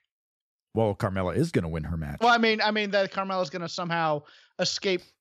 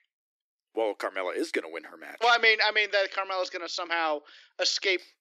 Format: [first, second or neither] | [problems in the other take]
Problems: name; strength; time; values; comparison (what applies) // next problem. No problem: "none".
first | thin; very; fading below 300 Hz